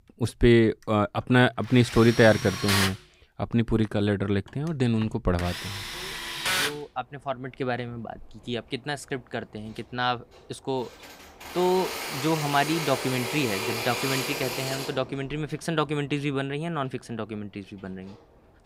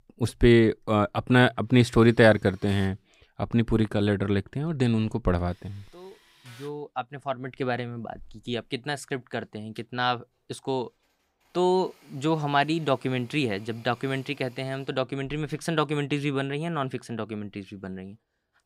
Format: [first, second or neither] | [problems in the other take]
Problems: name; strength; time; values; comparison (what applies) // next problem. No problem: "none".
second | machinery noise; loud; throughout; 4 dB below the speech; faint in the second